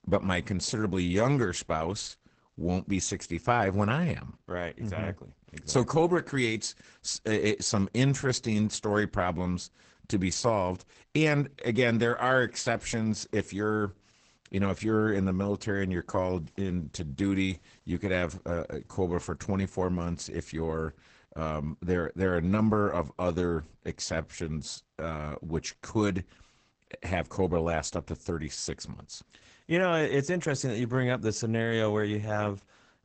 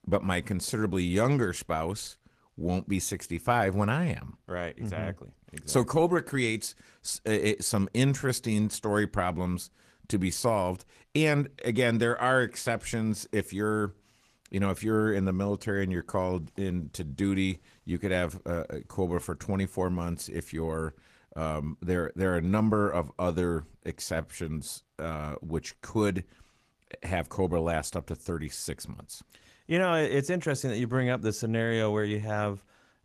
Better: second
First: garbled, watery; badly; nothing above 8 kHz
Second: garbled, watery; slightly; nothing above 14.5 kHz

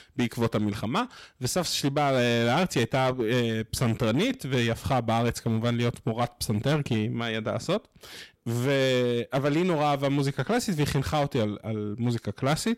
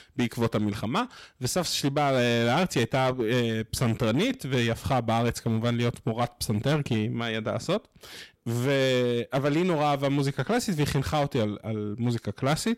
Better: neither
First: distortion; slight; 10% of the sound clipped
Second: distortion; slight; 10% of the sound clipped

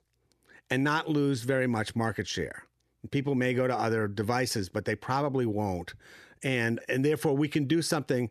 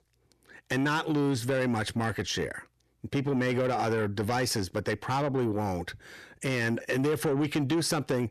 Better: first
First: none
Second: distortion; slight; 10 dB below the speech

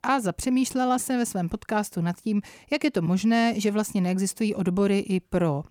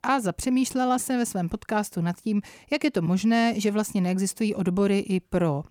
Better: neither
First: none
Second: none

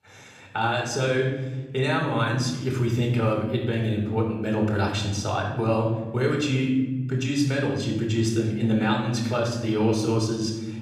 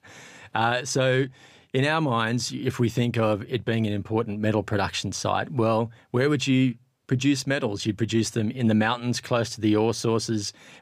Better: second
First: off-mic speech; somewhat distant // room echo; noticeable; dies away in 1.3 s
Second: none

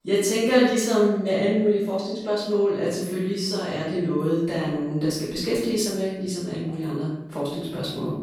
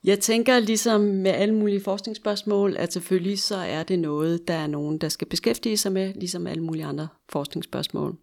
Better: second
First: off-mic speech; far // room echo; strong; dies away in 0.9 s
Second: none

